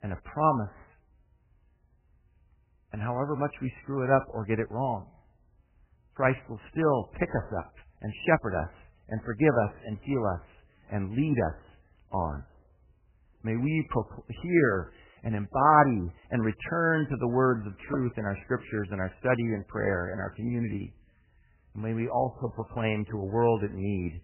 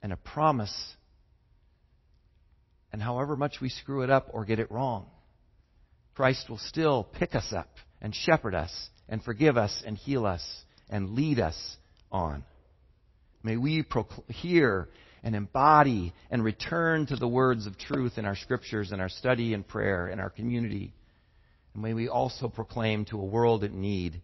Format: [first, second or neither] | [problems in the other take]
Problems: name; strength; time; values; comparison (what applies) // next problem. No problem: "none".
second | garbled, watery; badly; nothing above 3 kHz; slightly in the second